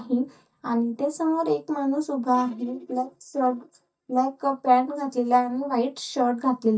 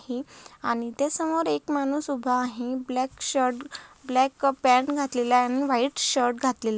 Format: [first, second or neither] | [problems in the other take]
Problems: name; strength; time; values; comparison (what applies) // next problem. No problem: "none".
second | noise reduction (neural mask model DeepFilterNet 3)